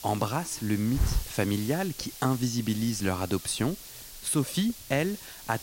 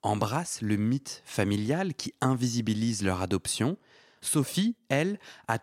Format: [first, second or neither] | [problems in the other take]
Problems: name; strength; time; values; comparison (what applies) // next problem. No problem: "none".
second | hiss; loud; throughout; 9 dB below the speech